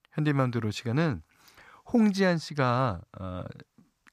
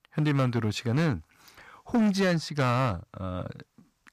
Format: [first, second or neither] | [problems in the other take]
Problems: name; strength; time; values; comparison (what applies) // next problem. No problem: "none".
first | distortion; slight; 7% of the sound clipped